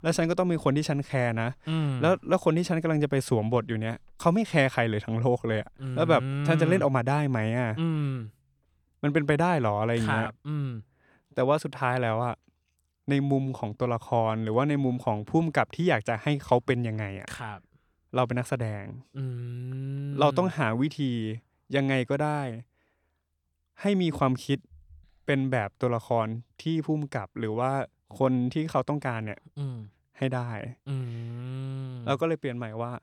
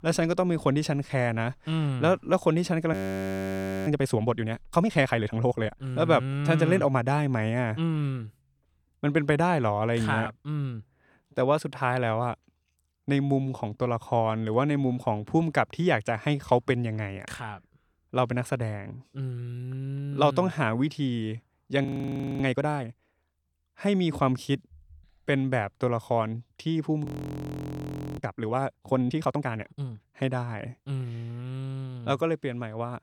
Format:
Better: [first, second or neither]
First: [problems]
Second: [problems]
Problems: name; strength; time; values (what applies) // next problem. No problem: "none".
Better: first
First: none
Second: audio freezing; at 3 s for 1 s, at 22 s for 0.5 s and at 27 s for 1 s